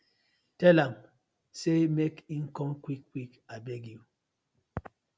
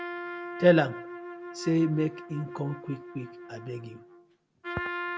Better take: first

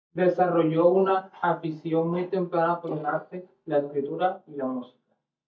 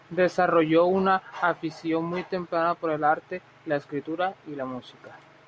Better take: second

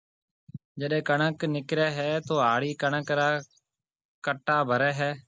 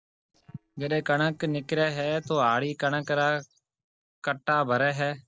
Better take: first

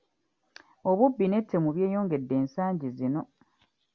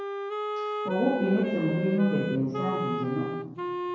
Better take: first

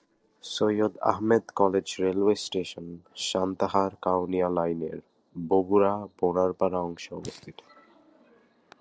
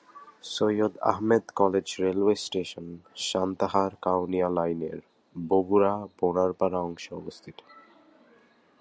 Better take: second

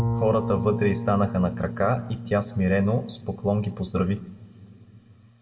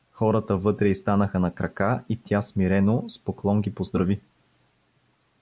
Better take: second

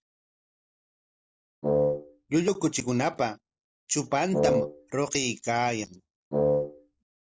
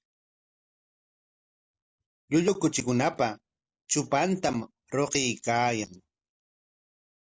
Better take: second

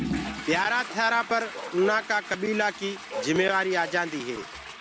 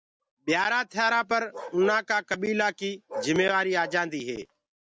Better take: second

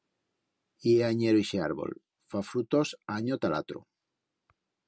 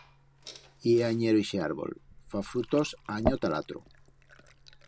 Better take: first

